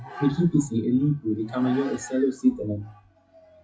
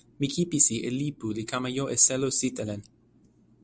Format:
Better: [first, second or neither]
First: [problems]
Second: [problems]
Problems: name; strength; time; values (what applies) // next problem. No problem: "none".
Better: second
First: noise reduction (classical method WPE with log-MMSE)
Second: none